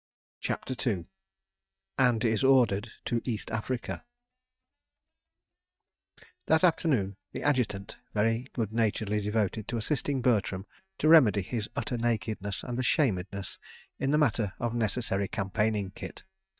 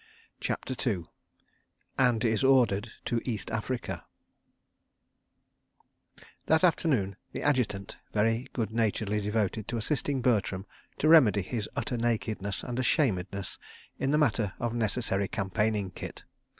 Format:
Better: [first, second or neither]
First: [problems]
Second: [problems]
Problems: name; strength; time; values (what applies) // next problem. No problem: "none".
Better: second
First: noise reduction (neural mask model DeepFilterNet 3)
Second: none